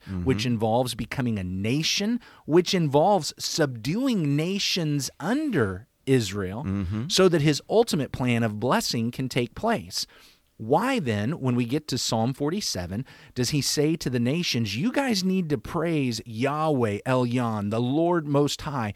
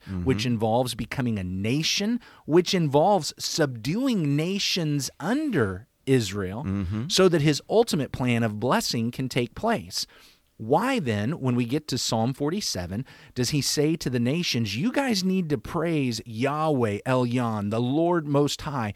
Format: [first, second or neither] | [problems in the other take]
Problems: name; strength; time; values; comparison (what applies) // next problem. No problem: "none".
neither | none